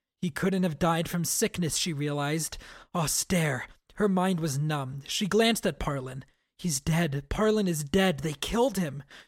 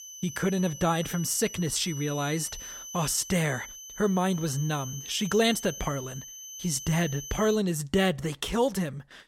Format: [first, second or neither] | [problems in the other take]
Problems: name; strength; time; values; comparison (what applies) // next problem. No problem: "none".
first | high-pitched whine; noticeable; until 7.5 s; 6 kHz, 10 dB below the speech